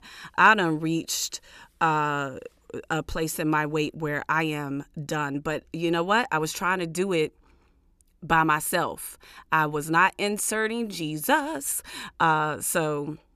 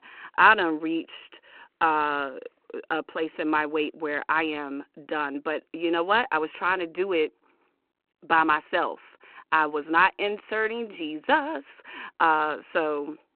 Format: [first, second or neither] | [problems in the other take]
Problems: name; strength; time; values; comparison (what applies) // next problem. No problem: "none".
first | phone-call audio; nothing above 4 kHz